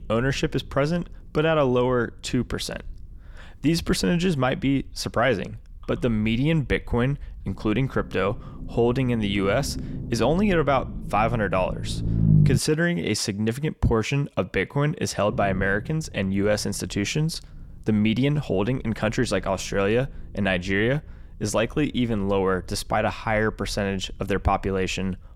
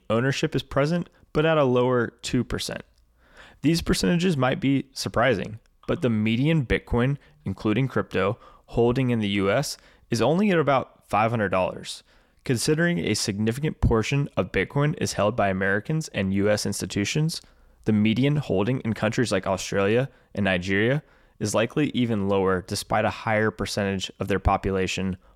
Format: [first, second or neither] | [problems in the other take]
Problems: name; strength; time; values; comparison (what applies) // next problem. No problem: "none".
second | low rumble; noticeable; until 13 s and from 15 s on; 15 dB below the speech